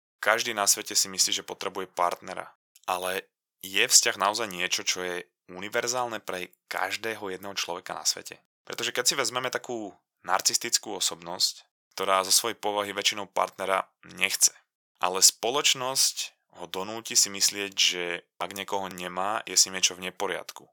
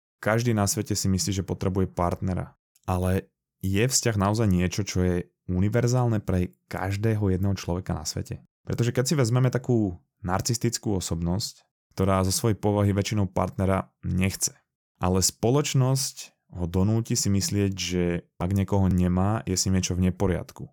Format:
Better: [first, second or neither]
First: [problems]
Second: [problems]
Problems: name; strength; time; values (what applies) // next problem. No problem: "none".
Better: second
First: thin; very; fading below 750 Hz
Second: none